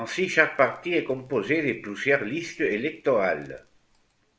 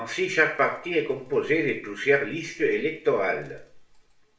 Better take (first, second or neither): first